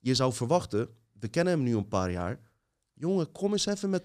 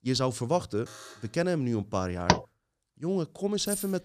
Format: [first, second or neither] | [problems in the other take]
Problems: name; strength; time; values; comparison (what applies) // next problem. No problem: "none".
first | alarm; faint; at 1 s; peak 15 dB below the speech // door banging; loud; at 2.5 s; peak 4 dB above the speech // jangling keys; very faint; at 3.5 s; peak 4 dB below the speech